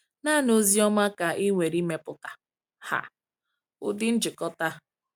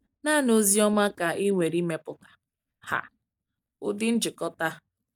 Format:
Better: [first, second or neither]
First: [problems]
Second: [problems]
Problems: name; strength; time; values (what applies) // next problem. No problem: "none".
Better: first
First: none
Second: noise reduction (neural mask model DeepFilterNet 3)